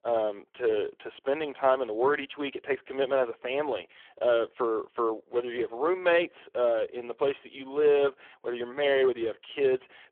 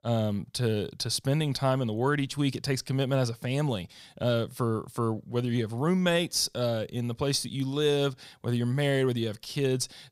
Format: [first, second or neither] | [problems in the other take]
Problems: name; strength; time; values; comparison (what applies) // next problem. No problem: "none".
second | phone-call audio; poor line